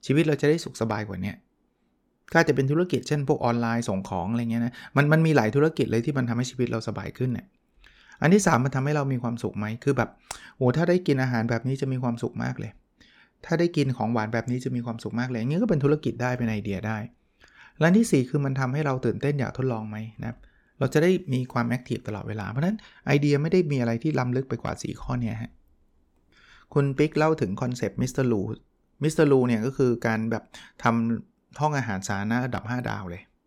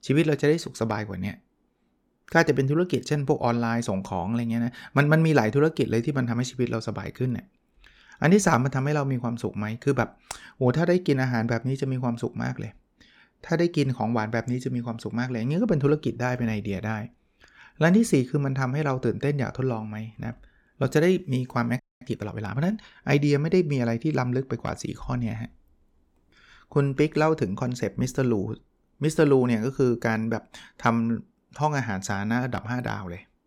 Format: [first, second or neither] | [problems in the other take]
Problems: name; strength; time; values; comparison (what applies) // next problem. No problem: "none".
first | audio freezing; at 22 s